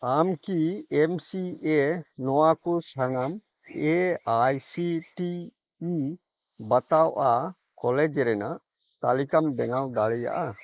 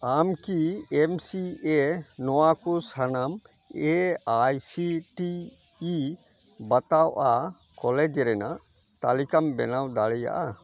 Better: second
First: noise reduction (neural mask model Resemble Enhance denoiser)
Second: none

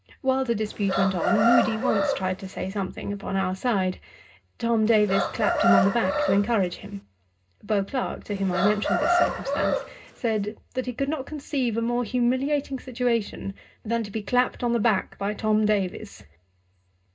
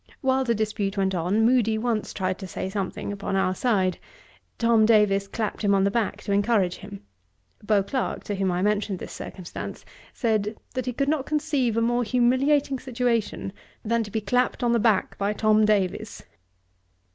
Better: second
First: background sound (Chicken, rooster); 1 dB below the speech // room echo; dies away in 0.2 s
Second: none

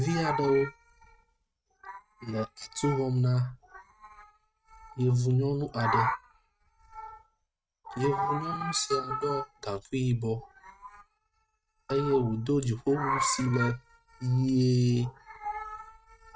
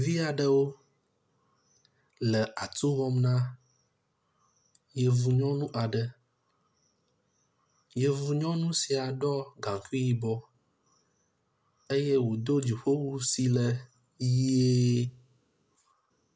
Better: second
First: noise reduction (neural mask model RNNoise)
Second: none

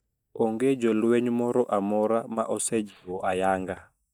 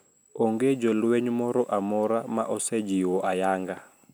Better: second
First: noise reduction (neural mask model DeepFilterNet 3)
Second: none

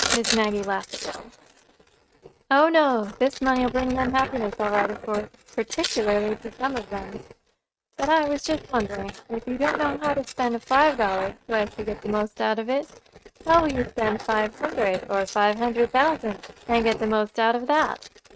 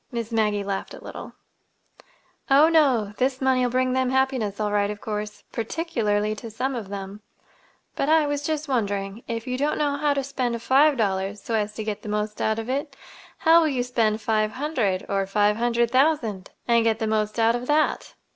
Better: second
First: noise reduction (neural mask model RNNoise)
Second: none

